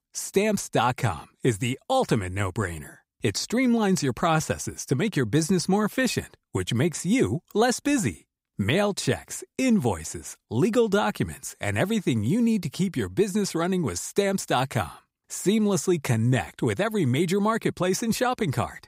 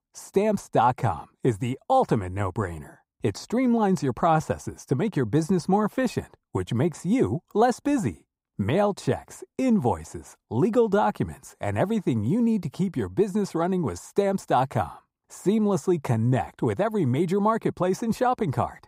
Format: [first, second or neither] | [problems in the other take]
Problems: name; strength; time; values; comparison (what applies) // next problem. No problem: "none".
first | muffled; slightly; fading above 1.5 kHz